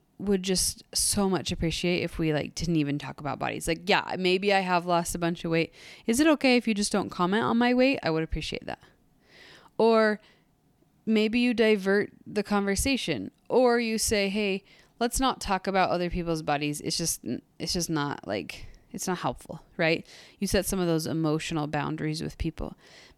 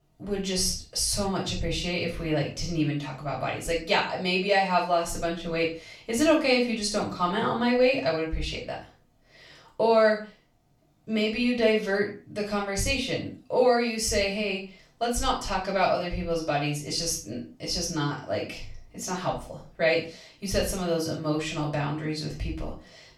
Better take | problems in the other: first | room echo; noticeable; dies away in 0.3 s // off-mic speech; far

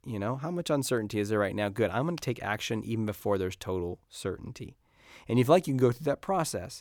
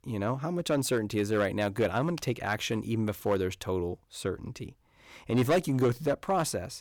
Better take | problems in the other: first | distortion; slight; 4% of the sound clipped

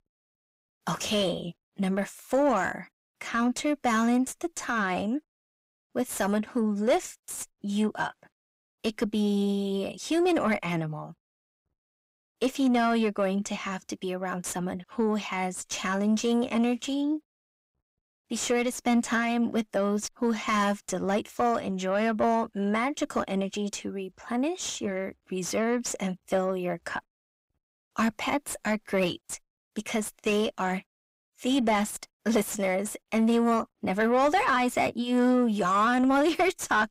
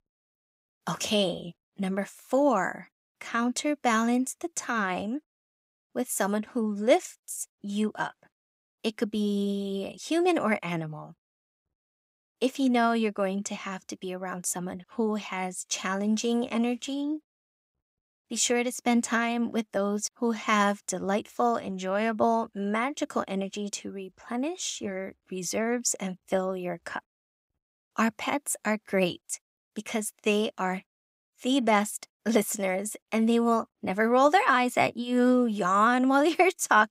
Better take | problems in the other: second | distortion; slight; 10 dB below the speech

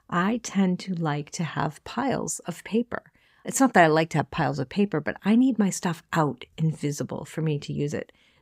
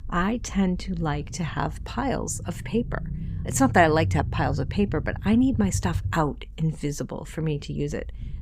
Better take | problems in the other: first | low rumble; noticeable; throughout; 20 dB below the speech

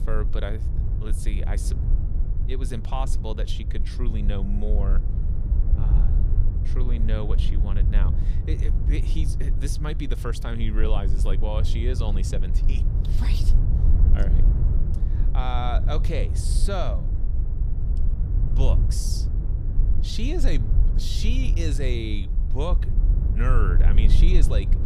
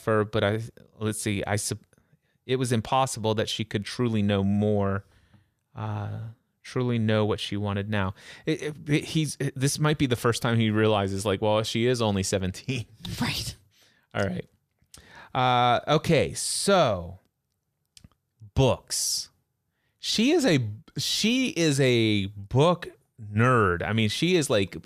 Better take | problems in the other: second | low rumble; loud; throughout; 7 dB below the speech

